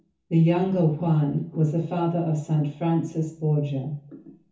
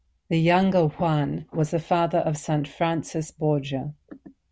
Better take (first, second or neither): second